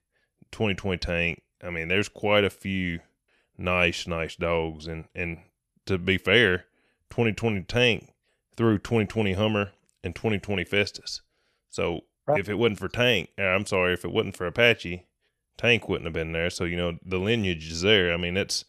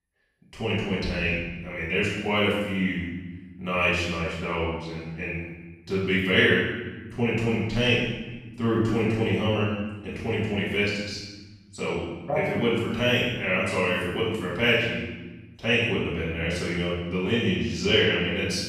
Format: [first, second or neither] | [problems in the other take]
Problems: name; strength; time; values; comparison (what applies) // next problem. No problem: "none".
first | off-mic speech; far // room echo; strong; dies away in 1.2 s